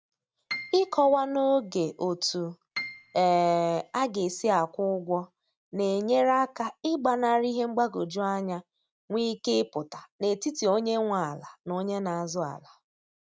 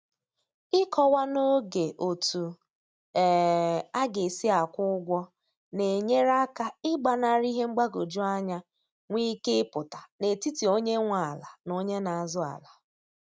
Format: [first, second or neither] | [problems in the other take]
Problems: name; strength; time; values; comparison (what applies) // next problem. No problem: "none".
second | background sound (Piano); 15 dB below the speech